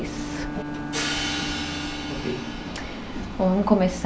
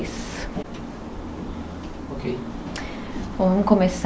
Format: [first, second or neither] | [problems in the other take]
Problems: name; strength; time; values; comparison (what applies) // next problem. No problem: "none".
second | background sound (Hi-hat + Bowed string instrument); 5 dB below the speech